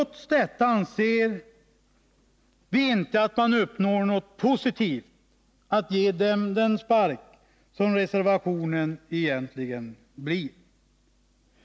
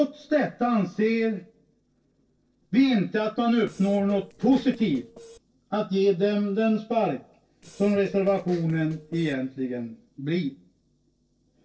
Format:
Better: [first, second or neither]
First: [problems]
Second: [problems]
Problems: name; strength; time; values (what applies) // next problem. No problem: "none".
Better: first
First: none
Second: noise reduction (neural separator model SepFormer DNS4)